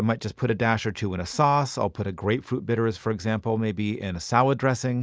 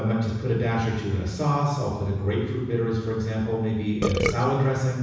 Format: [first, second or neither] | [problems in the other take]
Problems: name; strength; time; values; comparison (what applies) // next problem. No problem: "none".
first | background sound (Burping, eructation); 1 dB below the speech // room echo; dies away in 1.1 s